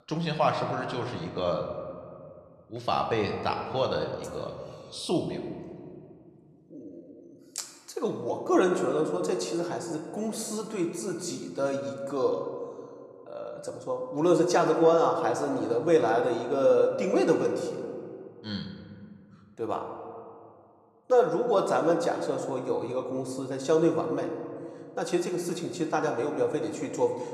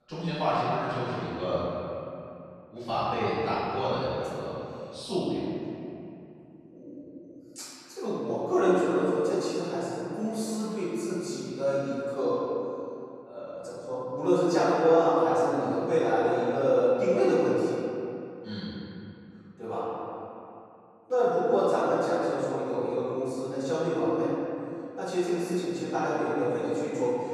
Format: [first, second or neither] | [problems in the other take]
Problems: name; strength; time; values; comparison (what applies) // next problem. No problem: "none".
first | room echo; strong; dies away in 2.7 s; slight in the first // off-mic speech; far